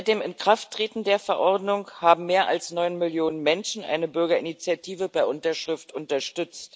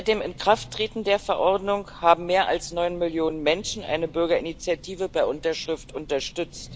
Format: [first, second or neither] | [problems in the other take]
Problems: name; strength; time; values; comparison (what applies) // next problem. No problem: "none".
first | background sound (Train); 19 dB below the speech